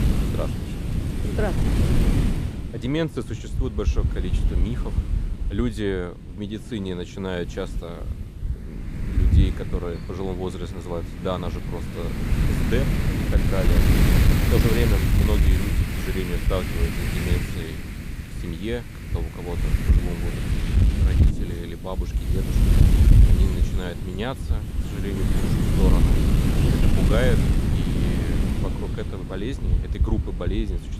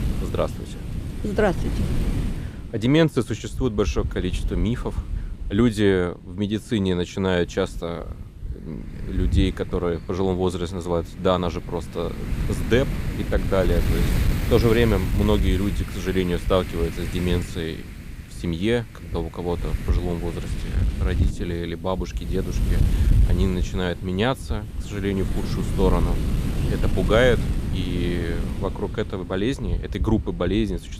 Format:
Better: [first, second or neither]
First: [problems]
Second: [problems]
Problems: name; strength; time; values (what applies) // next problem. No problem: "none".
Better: second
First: wind noise on the microphone; heavy; as loud as the speech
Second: wind noise on the microphone; occasional gusts; 10 dB below the speech